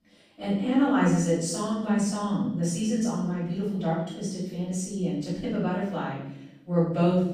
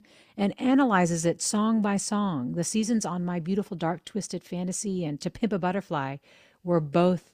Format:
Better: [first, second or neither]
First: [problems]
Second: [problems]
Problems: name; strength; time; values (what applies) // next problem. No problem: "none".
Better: second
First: off-mic speech; far // room echo; noticeable; dies away in 0.8 s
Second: none